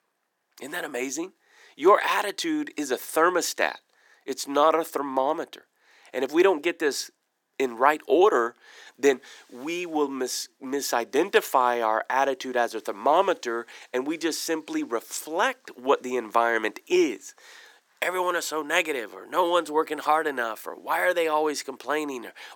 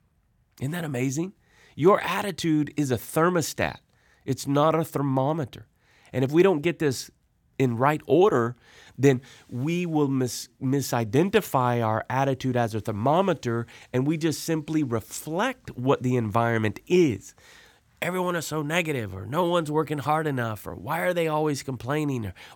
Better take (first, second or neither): second